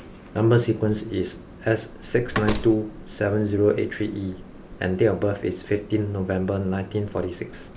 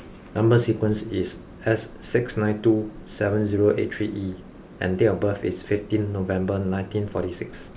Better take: second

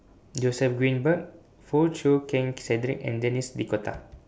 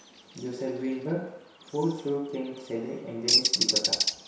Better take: first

